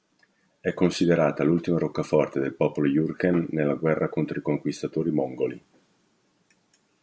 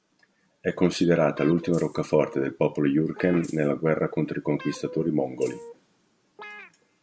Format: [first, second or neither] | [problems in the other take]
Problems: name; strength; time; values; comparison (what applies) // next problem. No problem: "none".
first | background sound (Guitar + Rattle (instrument)); 18 dB below the speech